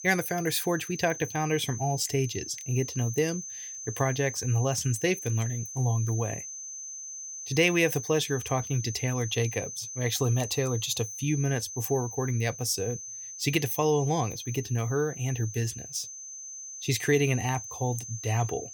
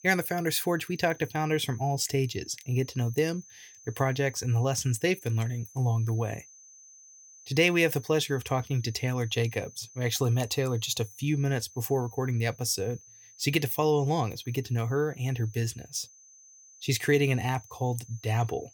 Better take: second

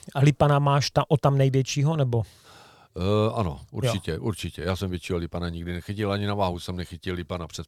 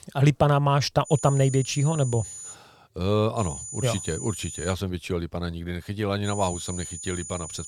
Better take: first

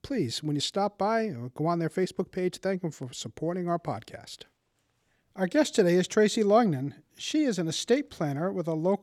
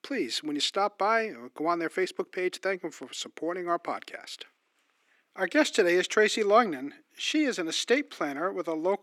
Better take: first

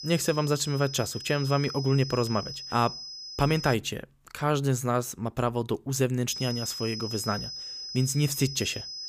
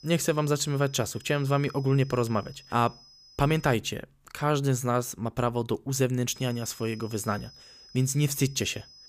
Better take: second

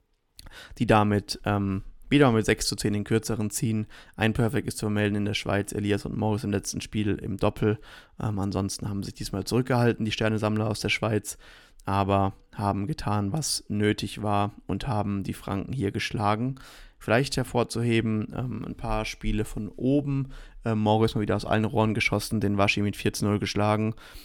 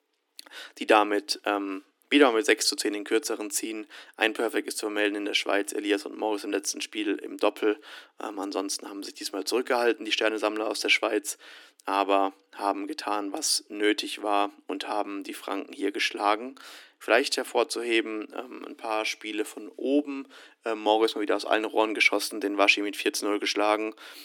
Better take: first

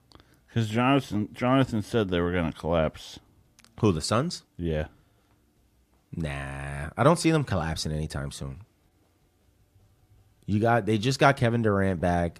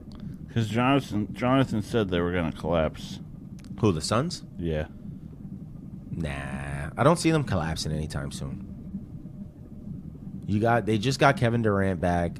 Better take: first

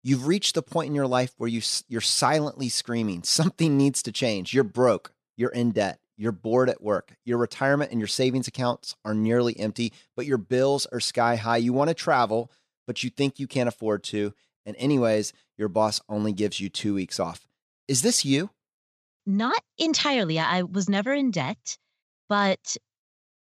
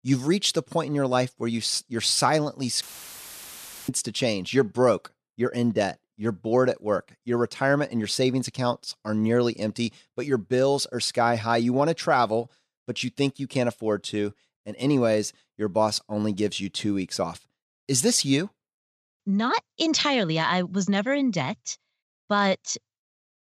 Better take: first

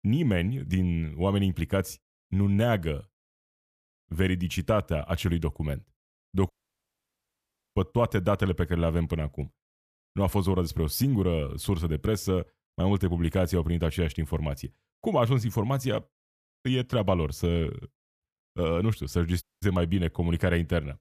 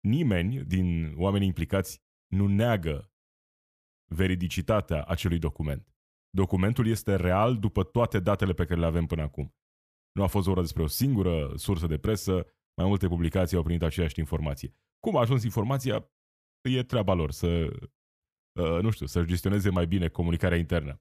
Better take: second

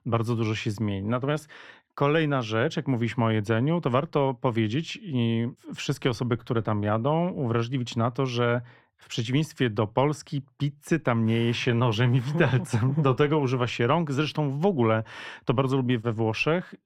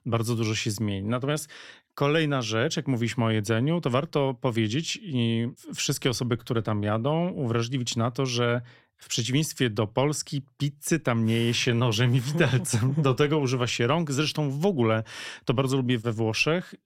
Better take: second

